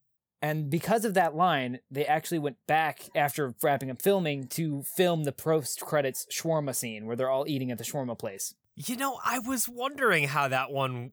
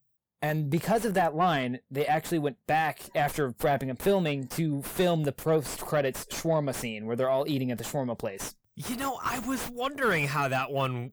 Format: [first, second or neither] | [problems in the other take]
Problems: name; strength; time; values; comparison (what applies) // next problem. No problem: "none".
first | distortion; slight; 9 dB below the speech